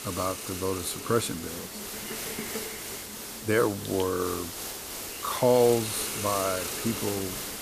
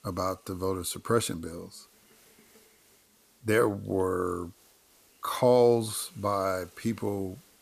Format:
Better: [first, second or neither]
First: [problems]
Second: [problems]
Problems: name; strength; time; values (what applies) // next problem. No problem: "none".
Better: second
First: hiss; loud; throughout; 6 dB below the speech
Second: hiss; faint; throughout; 30 dB below the speech